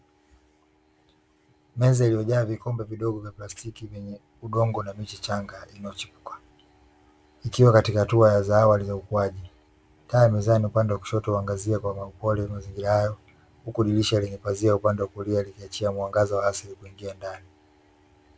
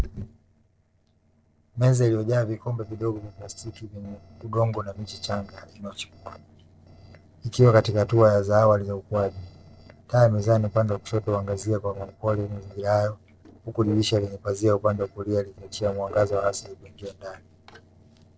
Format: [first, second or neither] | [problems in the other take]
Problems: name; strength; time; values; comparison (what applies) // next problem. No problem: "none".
first | noise reduction (neural separator model SepFormer DNS4)